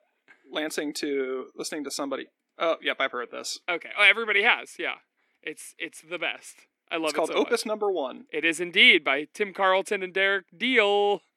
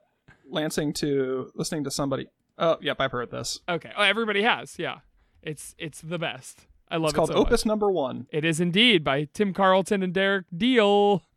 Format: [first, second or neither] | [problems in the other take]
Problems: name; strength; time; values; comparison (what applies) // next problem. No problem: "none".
second | thin; very slightly; fading below 300 Hz